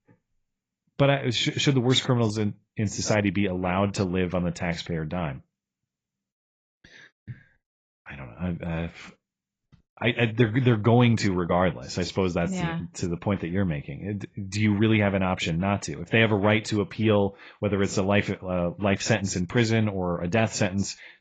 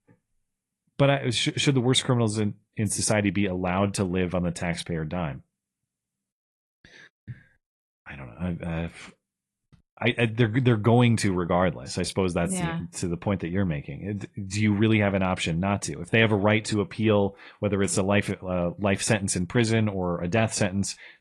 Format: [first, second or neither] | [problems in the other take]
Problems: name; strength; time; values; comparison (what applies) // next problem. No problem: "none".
second | garbled, watery; badly; nothing above 7.5 kHz; slightly in the second